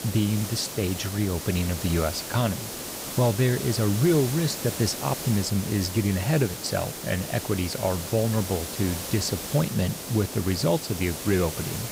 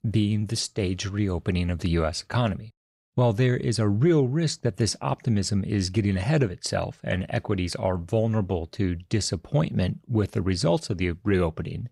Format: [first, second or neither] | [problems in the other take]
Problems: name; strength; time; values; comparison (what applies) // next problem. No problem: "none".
second | hiss; loud; throughout; 7 dB below the speech